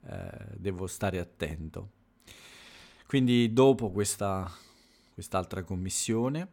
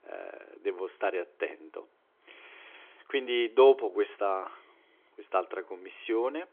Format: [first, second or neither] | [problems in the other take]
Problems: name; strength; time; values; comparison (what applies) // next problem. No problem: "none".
first | phone-call audio; nothing above 3.5 kHz